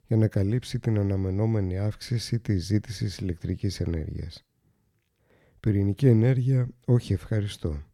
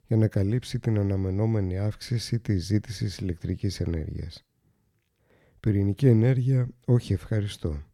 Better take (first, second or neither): neither